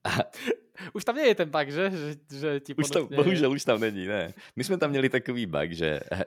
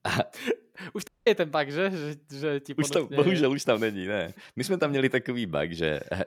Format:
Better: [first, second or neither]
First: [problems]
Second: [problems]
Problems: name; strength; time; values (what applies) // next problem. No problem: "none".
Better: first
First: none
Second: audio cutting out; at 1 s